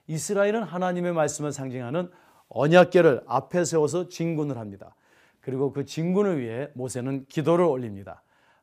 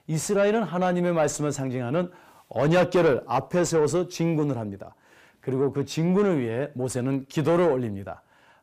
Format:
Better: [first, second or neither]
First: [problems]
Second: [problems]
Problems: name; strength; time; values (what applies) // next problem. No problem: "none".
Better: first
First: none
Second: distortion; heavy; 8 dB below the speech